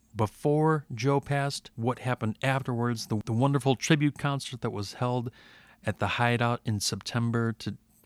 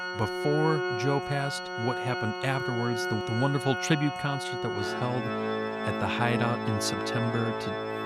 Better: first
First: none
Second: background music; loud; throughout; 2 dB below the speech

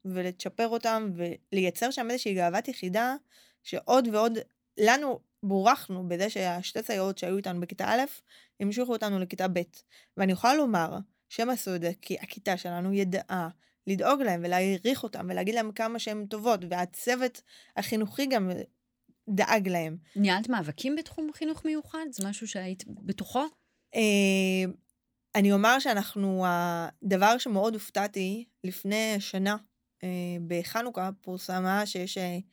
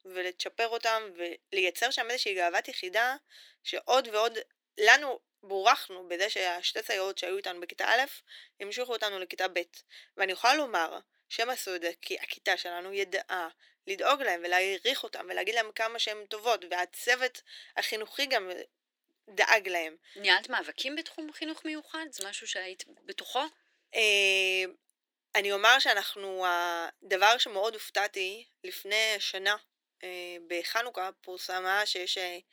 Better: first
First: none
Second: thin; very; fading below 350 Hz

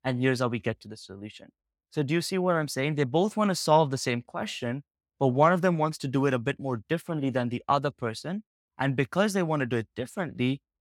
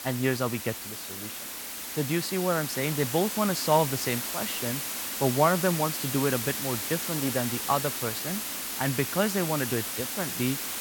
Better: first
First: none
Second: hiss; loud; throughout; 3 dB below the speech

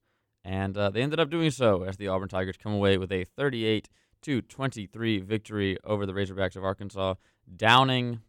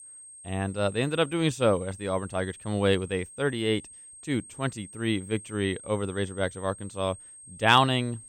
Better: first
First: none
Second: high-pitched whine; noticeable; throughout; 8.5 kHz, 15 dB below the speech

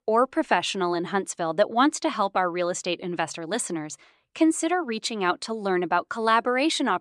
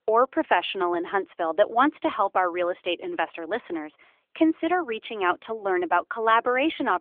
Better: first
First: none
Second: phone-call audio; nothing above 3.5 kHz

